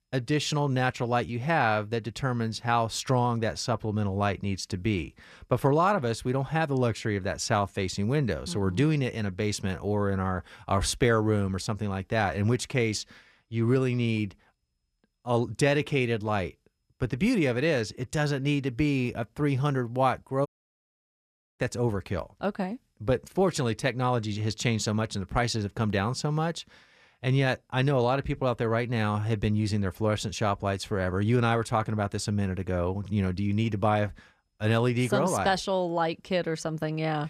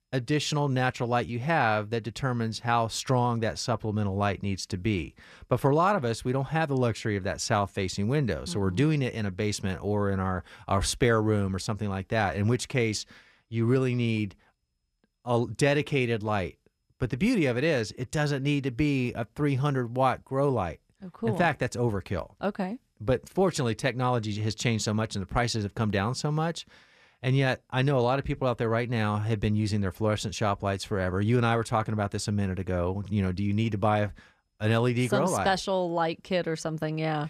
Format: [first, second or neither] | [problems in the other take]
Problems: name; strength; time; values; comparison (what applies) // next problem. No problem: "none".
second | audio cutting out; at 20 s for 1 s